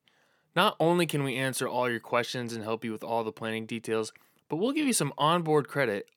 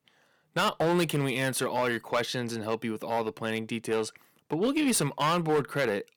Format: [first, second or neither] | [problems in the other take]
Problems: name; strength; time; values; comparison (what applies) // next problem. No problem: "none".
first | distortion; slight; 6% of the sound clipped